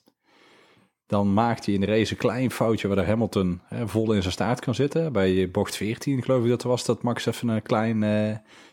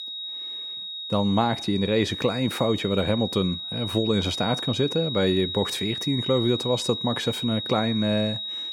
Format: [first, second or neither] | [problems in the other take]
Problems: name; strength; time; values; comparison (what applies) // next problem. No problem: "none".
first | high-pitched whine; loud; throughout; 4 kHz, 5 dB below the speech